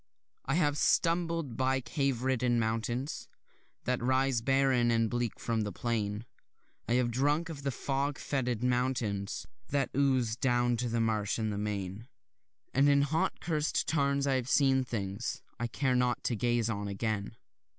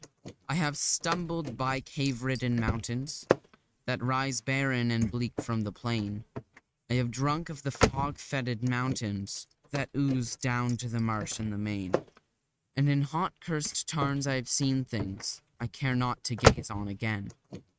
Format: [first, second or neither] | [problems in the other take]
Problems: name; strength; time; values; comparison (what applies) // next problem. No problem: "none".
first | noise reduction (neural mask model RNNoise)